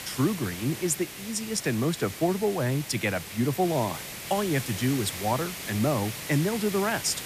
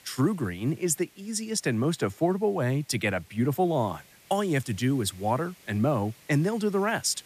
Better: second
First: hiss; loud; throughout; 8 dB below the speech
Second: hiss; faint; throughout; 25 dB below the speech

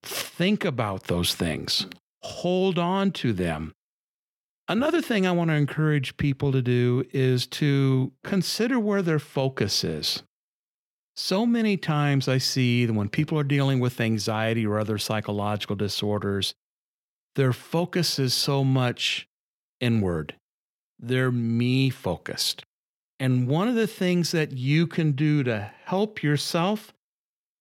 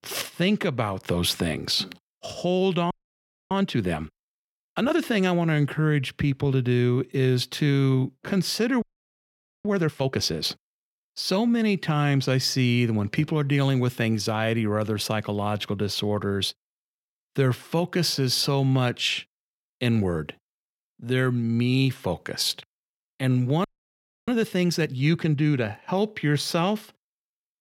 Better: first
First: none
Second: audio freezing; at 3 s for 0.5 s, at 9 s for 1 s and at 24 s for 0.5 s

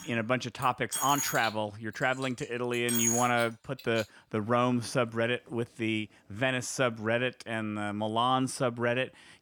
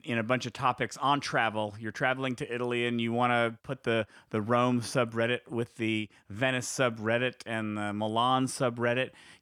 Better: second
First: household noises; loud; throughout; 3 dB below the speech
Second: none

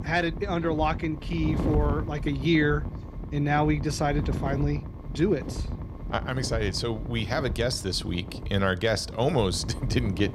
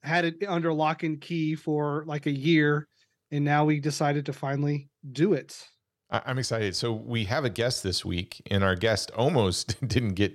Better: second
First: wind noise on the microphone; occasional gusts; 15 dB below the speech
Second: none

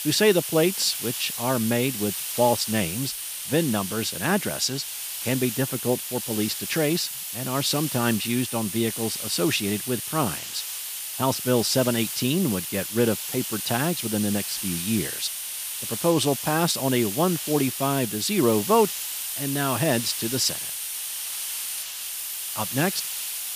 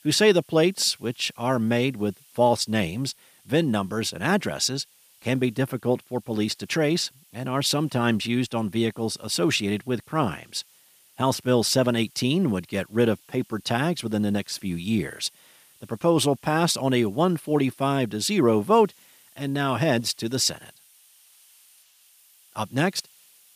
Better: second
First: hiss; loud; throughout; 4 dB below the speech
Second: hiss; faint; throughout; 30 dB below the speech

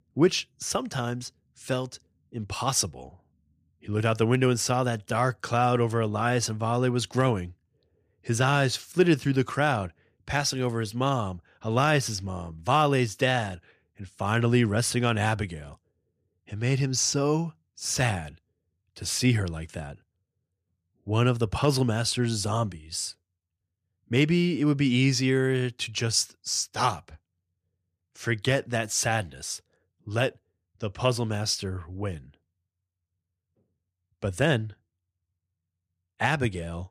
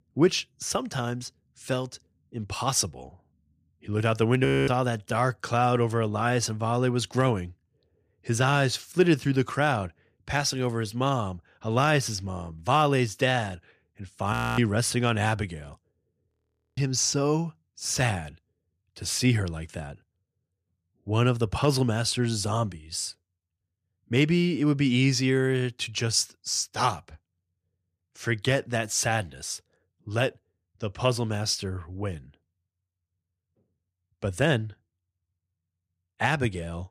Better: first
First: none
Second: audio freezing; at 4.5 s, at 14 s and at 16 s

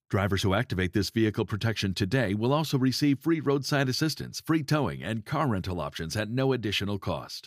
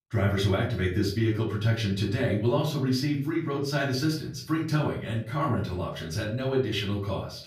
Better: first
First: none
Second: off-mic speech; far // room echo; slight; dies away in 0.4 s

